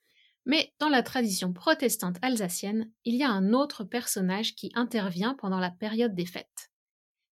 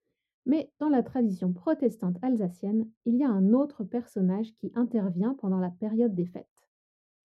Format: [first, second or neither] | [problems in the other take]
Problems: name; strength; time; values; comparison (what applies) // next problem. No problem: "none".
first | muffled; very; fading above 1 kHz